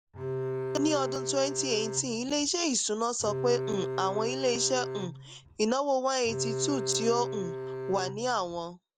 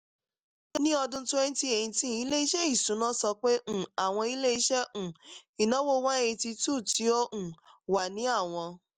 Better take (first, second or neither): second